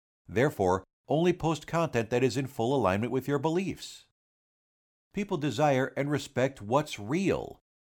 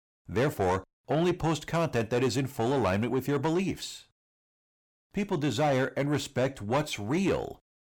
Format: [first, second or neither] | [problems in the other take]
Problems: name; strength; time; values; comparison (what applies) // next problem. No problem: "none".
first | distortion; slight; 10 dB below the speech